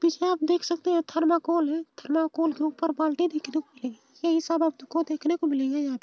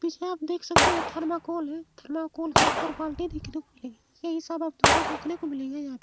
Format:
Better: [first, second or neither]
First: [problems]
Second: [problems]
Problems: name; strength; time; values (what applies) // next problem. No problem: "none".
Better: first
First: none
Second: background sound (Gunshot, gunfire); 4 dB above the speech